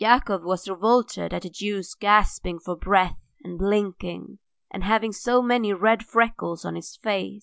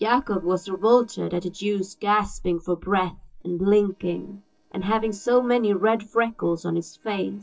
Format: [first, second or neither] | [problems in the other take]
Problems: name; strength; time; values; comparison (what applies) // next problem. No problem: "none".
first | noise reduction (neural separator model SepFormer DNS4)